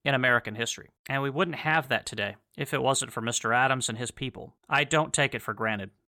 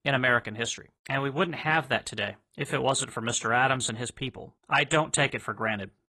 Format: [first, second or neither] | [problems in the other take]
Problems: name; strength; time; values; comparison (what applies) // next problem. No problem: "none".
first | garbled, watery; slightly